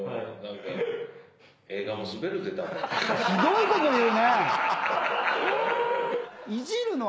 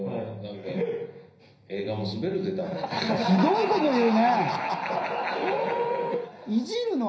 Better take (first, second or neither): first